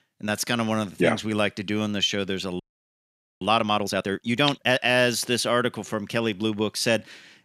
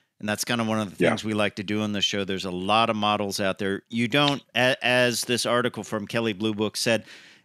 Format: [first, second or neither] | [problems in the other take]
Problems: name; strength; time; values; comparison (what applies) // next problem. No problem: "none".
second | audio freezing; at 2.5 s for 1 s